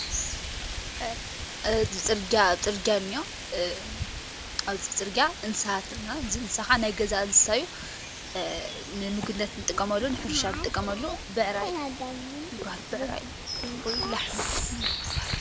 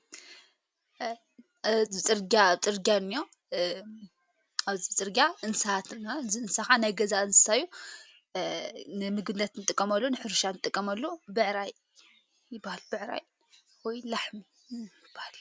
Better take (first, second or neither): second